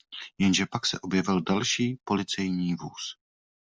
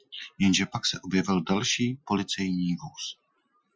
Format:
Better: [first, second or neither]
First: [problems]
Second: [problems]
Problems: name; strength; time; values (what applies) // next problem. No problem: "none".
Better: first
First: none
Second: noise reduction (classical method Wiener filter)